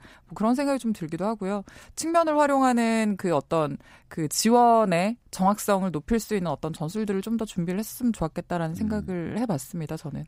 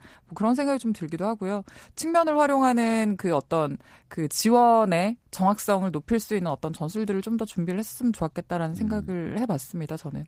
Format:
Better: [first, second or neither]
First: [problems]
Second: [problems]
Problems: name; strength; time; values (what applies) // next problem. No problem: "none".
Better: first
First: none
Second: garbled, watery; slightly; nothing above 15.5 kHz